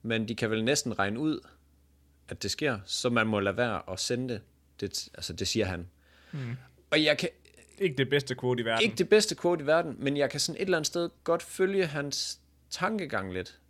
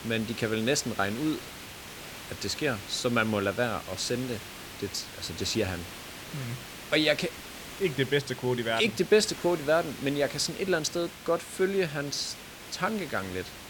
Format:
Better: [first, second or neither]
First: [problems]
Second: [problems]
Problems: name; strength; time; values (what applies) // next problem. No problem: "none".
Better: first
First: none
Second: hiss; noticeable; throughout; 10 dB below the speech